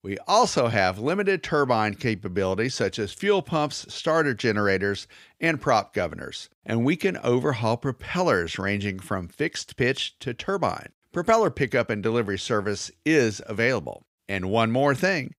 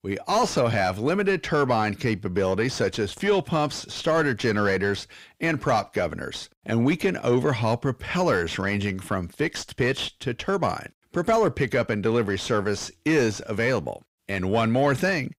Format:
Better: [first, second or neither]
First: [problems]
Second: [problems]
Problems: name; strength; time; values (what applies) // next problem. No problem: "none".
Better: first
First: none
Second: distortion; slight; 10 dB below the speech